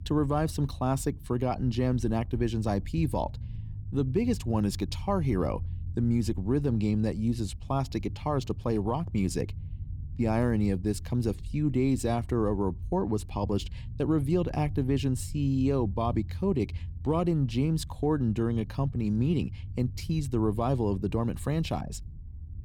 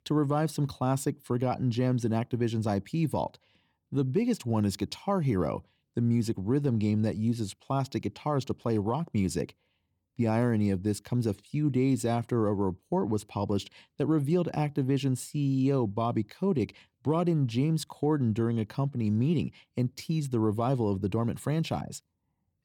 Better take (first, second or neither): second